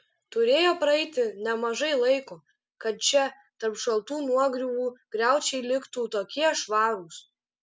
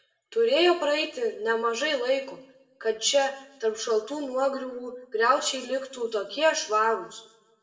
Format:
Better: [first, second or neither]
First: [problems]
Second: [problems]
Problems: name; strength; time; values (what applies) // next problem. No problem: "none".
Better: first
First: none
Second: room echo; dies away in 0.7 s